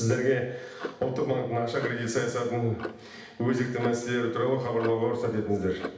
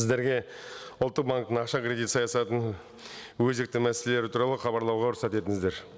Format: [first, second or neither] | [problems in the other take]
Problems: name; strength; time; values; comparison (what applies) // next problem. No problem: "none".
second | background sound (Clock); 15 dB below the speech // room echo; dies away in 0.8 s